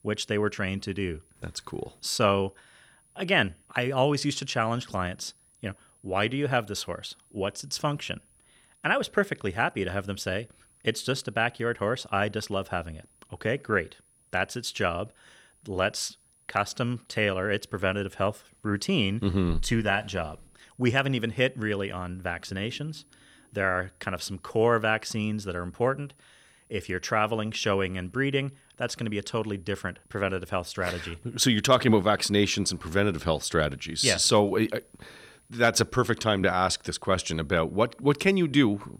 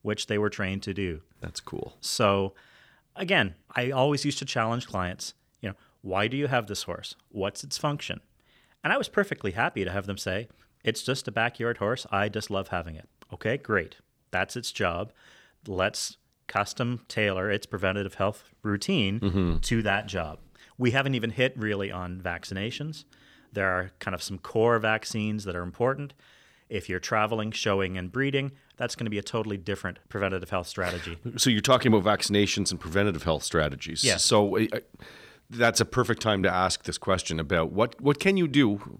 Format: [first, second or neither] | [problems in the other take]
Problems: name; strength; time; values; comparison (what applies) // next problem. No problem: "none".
second | high-pitched whine; faint; throughout; 10.5 kHz, 35 dB below the speech